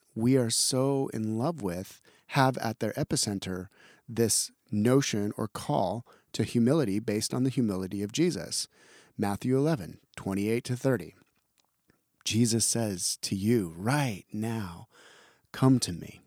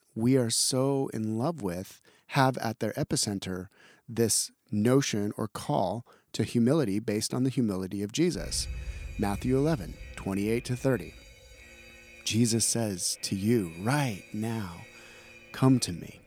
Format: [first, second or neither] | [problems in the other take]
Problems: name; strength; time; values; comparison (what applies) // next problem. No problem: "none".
first | alarm; faint; from 8.5 to 16 s; peak 10 dB below the speech